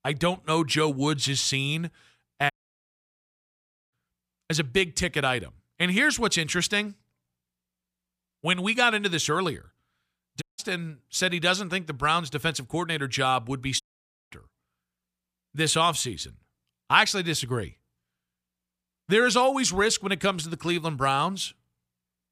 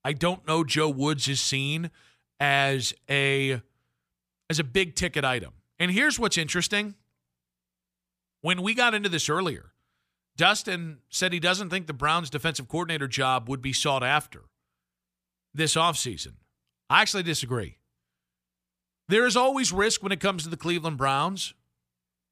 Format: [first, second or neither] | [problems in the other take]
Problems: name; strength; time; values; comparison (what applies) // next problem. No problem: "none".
second | audio cutting out; at 2.5 s for 1.5 s, at 10 s and at 14 s for 0.5 s